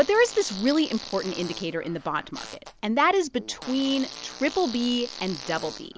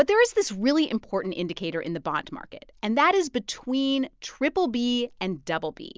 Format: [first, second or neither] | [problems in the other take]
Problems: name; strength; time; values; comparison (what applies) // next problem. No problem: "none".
second | background sound (Fart); 14 dB below the speech